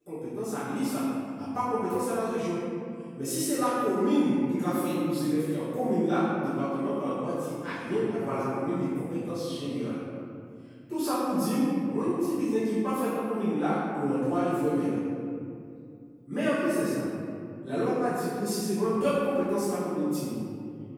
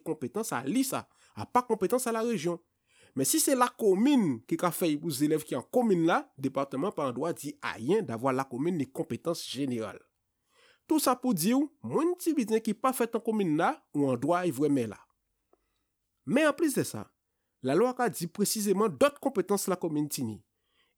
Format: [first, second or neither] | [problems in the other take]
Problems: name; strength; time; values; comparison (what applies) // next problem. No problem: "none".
second | off-mic speech; far // room echo; strong; dies away in 2.5 s